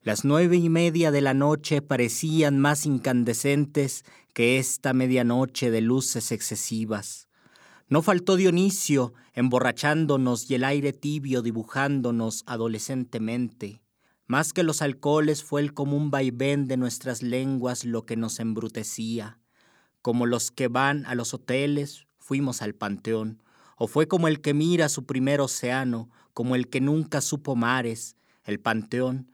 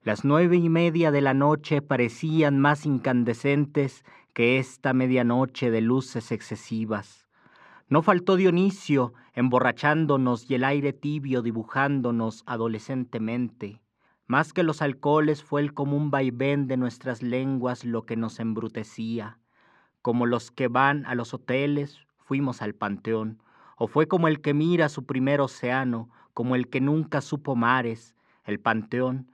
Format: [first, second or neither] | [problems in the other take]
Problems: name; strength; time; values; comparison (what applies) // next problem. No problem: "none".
first | muffled; very; fading above 2.5 kHz